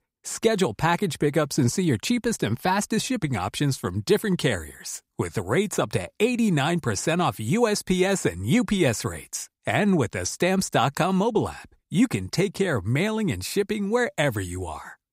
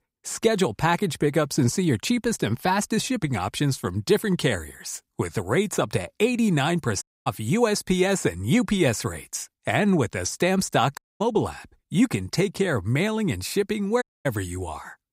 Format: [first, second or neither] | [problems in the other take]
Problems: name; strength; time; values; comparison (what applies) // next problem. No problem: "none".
first | audio cutting out; at 7 s, at 11 s and at 14 s